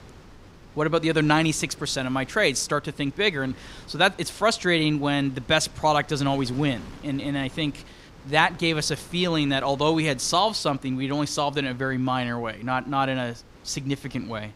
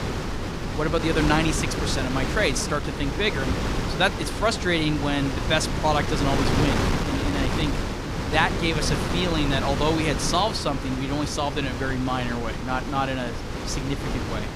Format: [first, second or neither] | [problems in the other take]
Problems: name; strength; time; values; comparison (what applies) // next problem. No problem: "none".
first | wind noise on the microphone; heavy; 4 dB below the speech; occasional gusts in the first